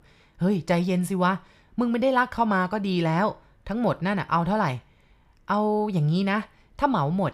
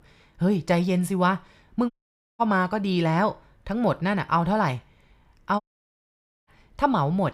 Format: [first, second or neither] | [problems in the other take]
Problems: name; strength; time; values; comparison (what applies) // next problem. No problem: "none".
first | audio cutting out; at 2 s and at 5.5 s for 1 s